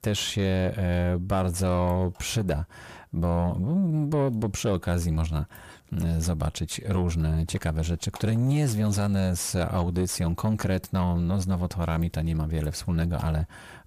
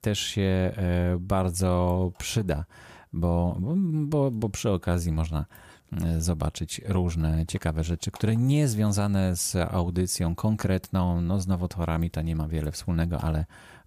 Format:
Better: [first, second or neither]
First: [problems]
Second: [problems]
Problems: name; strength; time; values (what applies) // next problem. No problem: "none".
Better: second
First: distortion; slight; 10 dB below the speech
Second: none